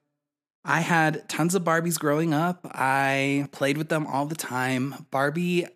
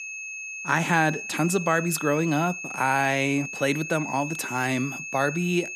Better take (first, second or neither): first